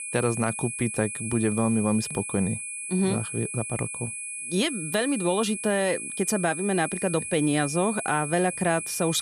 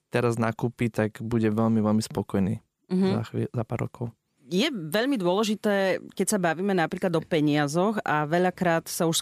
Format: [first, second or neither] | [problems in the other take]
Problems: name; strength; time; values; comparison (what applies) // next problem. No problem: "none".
second | high-pitched whine; loud; throughout; 10 kHz, 5 dB below the speech